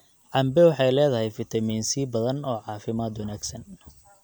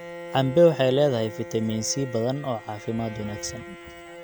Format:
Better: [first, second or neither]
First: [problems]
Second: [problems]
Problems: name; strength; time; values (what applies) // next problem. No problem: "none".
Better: first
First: none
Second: background sound (Bowed string instrument); 14 dB below the speech